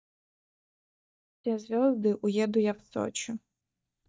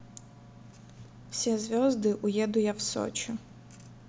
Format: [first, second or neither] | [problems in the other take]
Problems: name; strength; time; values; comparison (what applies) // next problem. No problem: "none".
second | noise reduction (neural mask model DeepFilterNet 3)